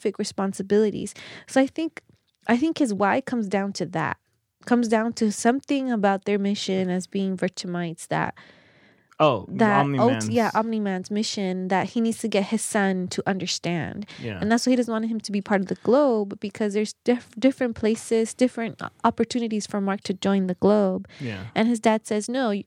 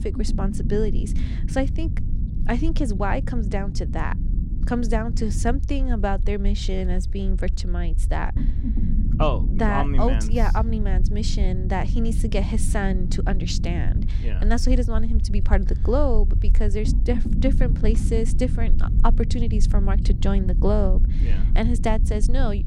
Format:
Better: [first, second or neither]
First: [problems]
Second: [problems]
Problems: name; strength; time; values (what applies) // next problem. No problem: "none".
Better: first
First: none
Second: low rumble; noticeable; throughout; 10 dB below the speech